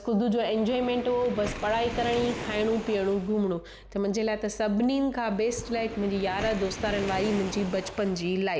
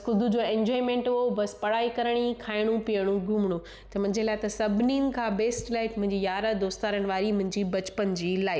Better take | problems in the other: second | background sound (Waves, surf); 12 dB below the speech

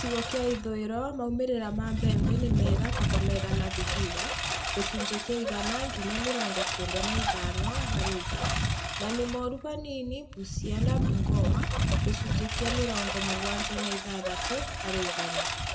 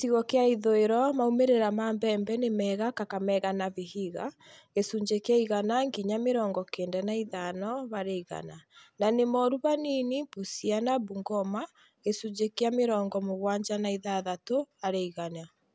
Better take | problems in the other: second | background sound (Engine); 4 dB above the speech // room echo; dies away in 0.5 s

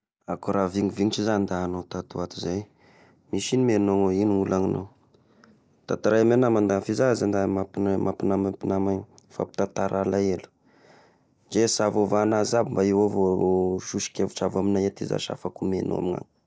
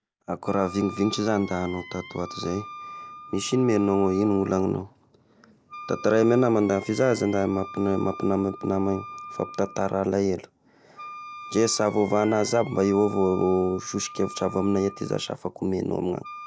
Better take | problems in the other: first | background sound (Wind instrument, woodwind instrument); 16 dB below the speech

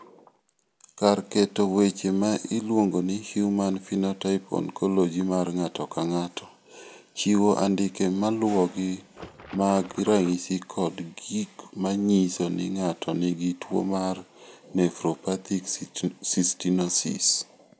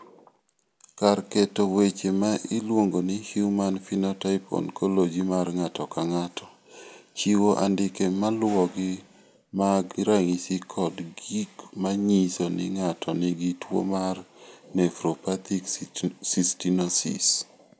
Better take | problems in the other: second | background sound (Water / Splash, splatter); 16 dB below the speech

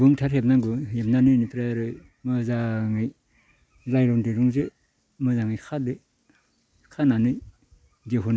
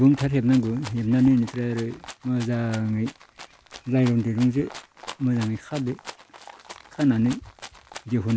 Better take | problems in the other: first | background sound (Rattle (instrument)); 19 dB below the speech

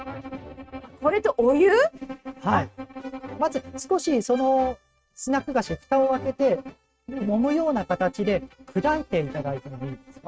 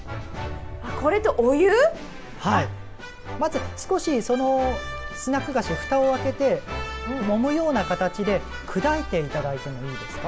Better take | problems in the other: second | noise reduction (neural mask model RNNoise)

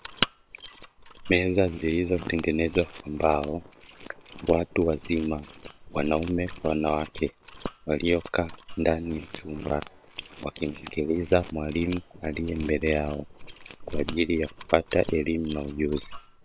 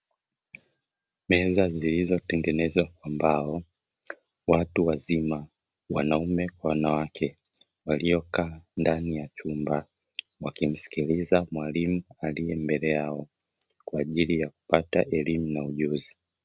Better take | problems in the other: second | noise reduction (neural separator model SepFormer WHAM!)

